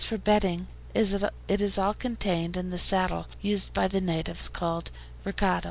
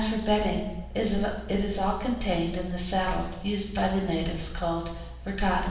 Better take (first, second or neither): first